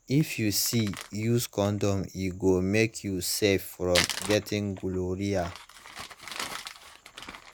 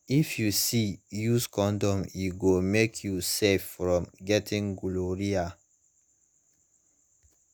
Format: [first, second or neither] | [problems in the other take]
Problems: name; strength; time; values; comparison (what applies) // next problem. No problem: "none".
second | background sound (Crumpling, crinkling); 11 dB below the speech